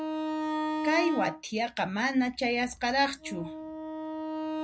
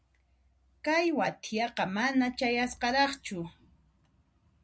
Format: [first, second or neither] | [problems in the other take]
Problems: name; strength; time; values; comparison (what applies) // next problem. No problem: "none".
second | background sound (Wind instrument, woodwind instrument); 4 dB below the speech